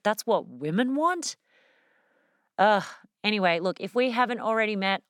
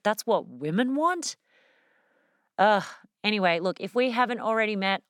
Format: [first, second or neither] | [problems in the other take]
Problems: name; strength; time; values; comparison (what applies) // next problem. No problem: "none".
neither | none